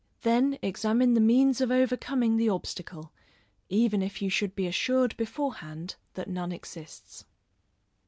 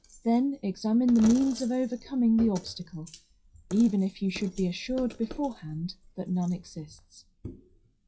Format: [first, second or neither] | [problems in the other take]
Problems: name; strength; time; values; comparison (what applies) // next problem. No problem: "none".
first | noise reduction (classical method WPE with log-MMSE)